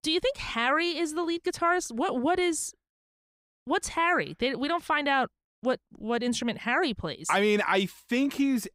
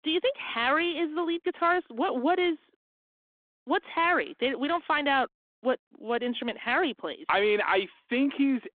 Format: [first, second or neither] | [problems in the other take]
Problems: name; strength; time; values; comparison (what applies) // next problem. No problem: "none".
first | phone-call audio; nothing above 3.5 kHz